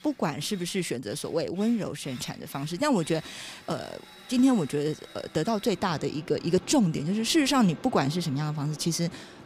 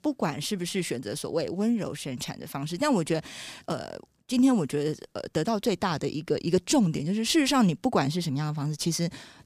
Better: second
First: machinery noise; noticeable; throughout; 20 dB below the speech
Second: none

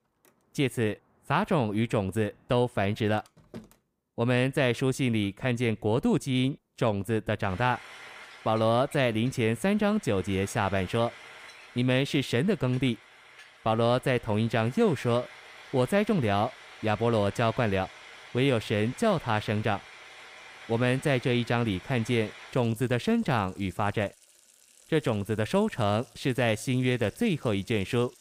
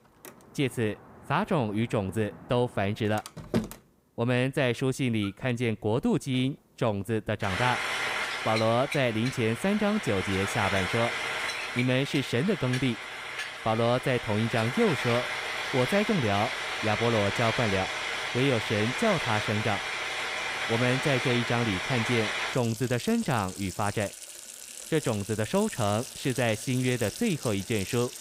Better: first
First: household noises; faint; throughout; 20 dB below the speech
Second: household noises; loud; throughout; 4 dB below the speech

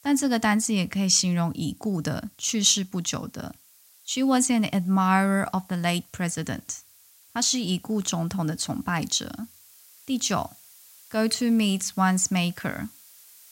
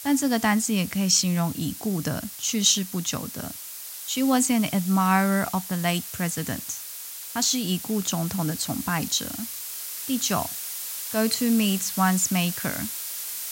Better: first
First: hiss; faint; throughout; 25 dB below the speech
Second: hiss; loud; throughout; 8 dB below the speech

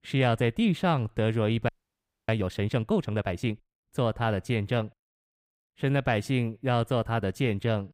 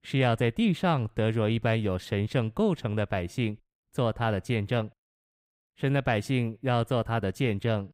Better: second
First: audio freezing; at 1.5 s for 0.5 s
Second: none

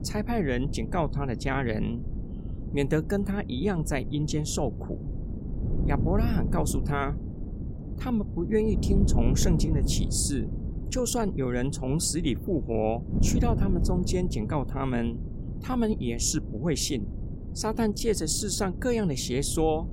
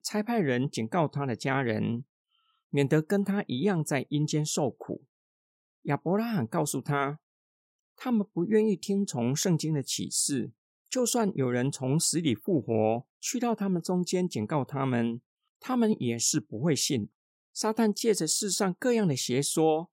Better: second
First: wind noise on the microphone; occasional gusts; 10 dB below the speech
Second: none

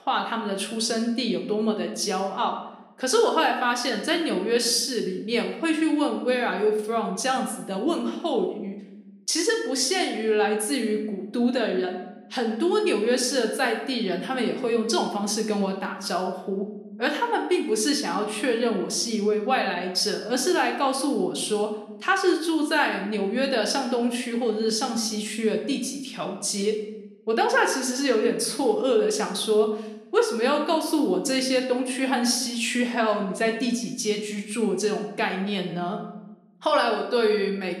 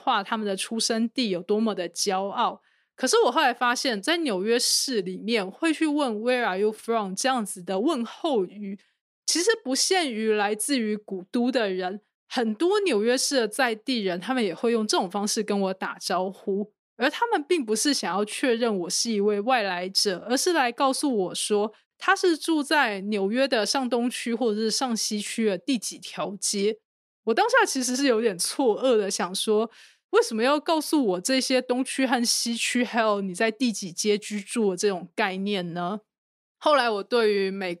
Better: second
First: room echo; slight; dies away in 0.7 s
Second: none

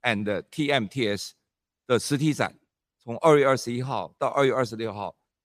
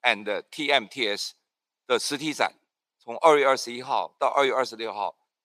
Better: first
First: none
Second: thin; somewhat; fading below 400 Hz

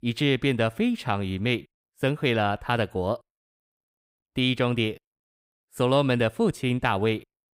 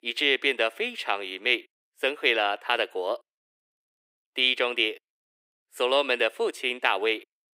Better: first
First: none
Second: thin; very; fading below 350 Hz

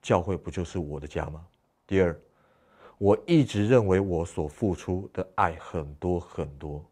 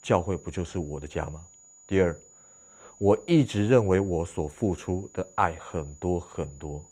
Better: first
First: none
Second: high-pitched whine; faint; throughout; 7 kHz, 25 dB below the speech

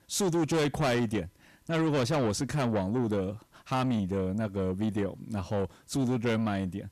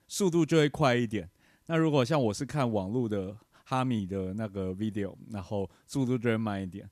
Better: second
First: distortion; heavy; 7 dB below the speech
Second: none

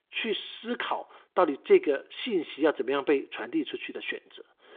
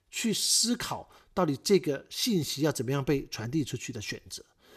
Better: second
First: phone-call audio; nothing above 3.5 kHz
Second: none

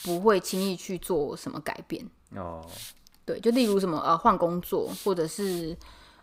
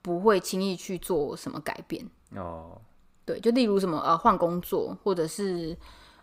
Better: second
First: hiss; noticeable; throughout; 15 dB below the speech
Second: none

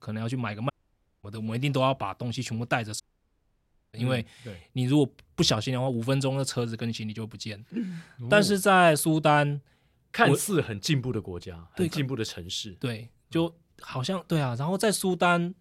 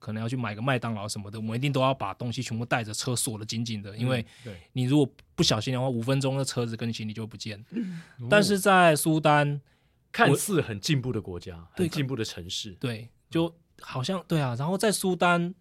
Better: second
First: audio cutting out; at 0.5 s for 0.5 s and at 3 s for 1 s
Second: none

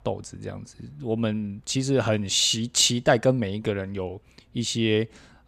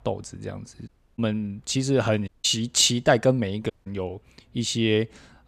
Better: first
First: none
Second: audio cutting out; at 1 s, at 2.5 s and at 3.5 s

